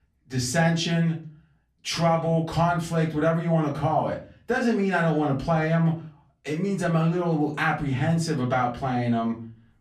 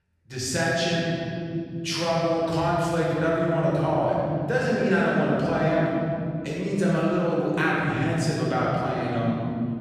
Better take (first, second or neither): first